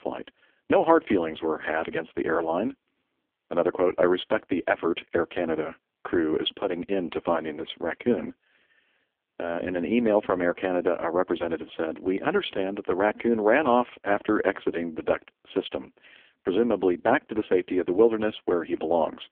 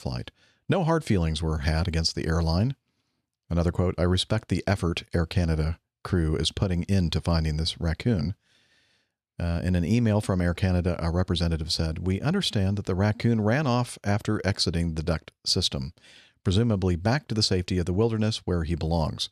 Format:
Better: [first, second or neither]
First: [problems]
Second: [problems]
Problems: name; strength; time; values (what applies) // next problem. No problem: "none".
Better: second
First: phone-call audio; poor line; nothing above 3.5 kHz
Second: none